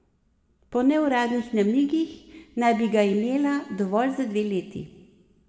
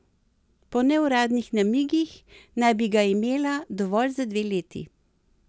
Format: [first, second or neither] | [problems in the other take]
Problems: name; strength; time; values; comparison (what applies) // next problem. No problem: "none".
second | room echo; dies away in 1.3 s